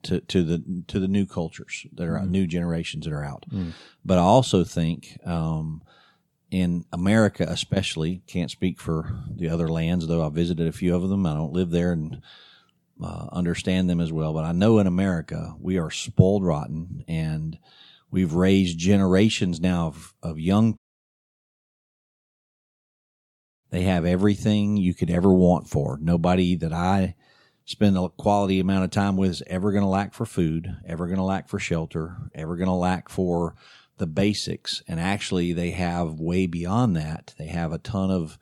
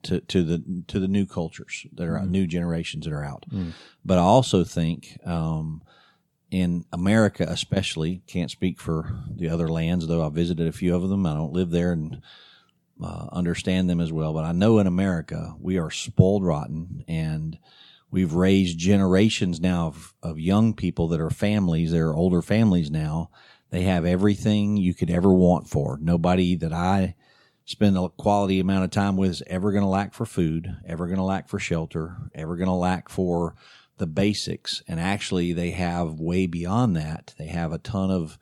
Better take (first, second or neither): second